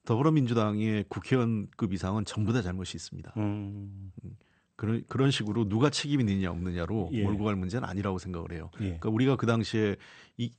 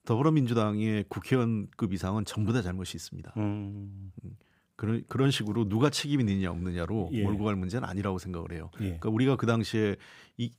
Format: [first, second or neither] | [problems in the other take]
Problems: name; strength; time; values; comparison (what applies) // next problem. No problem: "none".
second | garbled, watery; slightly; nothing above 8.5 kHz